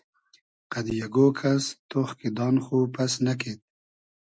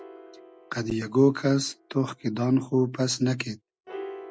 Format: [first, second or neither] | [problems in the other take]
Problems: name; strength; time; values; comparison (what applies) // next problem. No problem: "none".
first | background sound (Piano); 19 dB below the speech